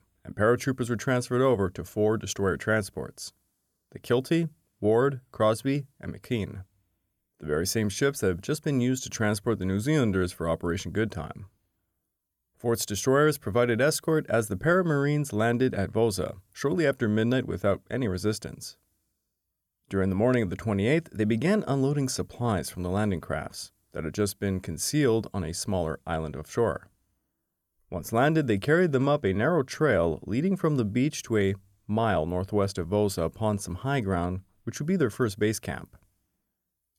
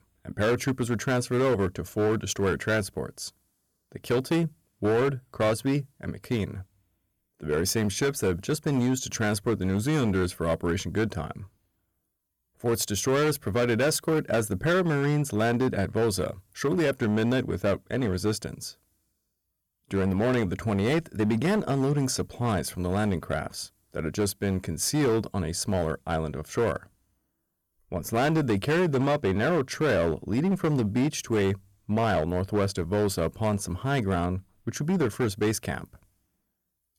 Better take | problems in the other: first | distortion; slight; 10% of the sound clipped

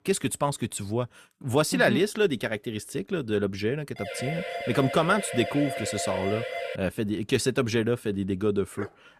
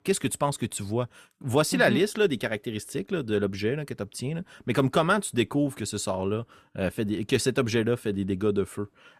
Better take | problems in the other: second | siren; noticeable; from 4 to 7 s; peak 5 dB below the speech // dog barking; faint; at 9 s; peak 15 dB below the speech

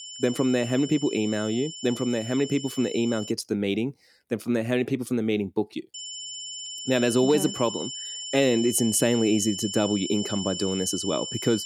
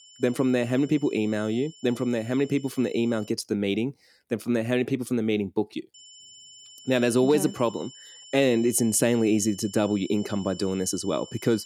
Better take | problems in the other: second | high-pitched whine; loud; until 3.5 s and from 6 s on; 3 kHz, 8 dB below the speech; faint in the second

